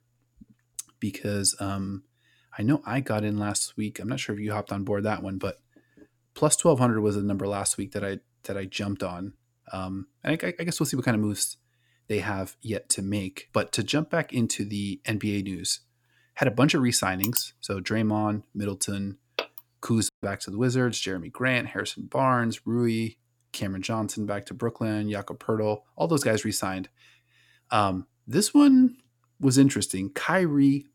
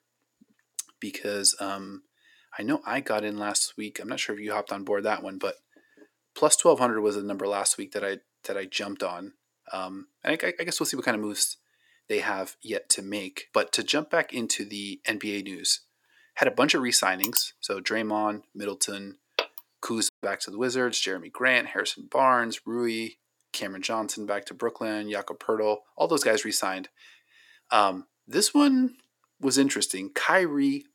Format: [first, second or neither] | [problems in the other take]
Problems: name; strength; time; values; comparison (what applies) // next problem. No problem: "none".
first | thin; somewhat; fading below 400 Hz